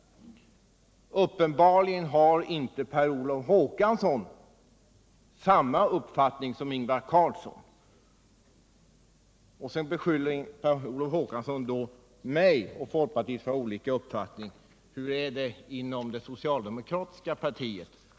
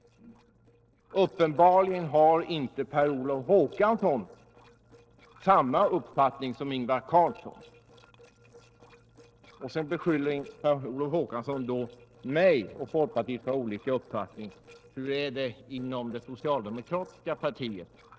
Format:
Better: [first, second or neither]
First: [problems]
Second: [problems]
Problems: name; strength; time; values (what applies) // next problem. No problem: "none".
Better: first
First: none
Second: noise reduction (neural separator model SepFormer DNS4)